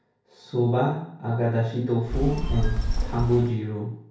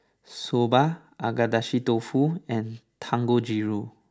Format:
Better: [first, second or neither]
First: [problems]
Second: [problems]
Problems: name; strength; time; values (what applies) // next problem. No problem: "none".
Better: second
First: background sound (Telephone); as loud as the speech // room echo; dies away in 0.6 s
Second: none